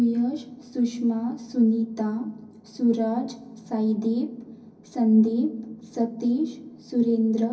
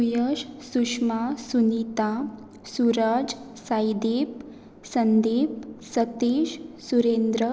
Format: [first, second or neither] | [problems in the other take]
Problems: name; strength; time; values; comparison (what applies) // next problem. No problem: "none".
second | room echo; dies away in 0.3 s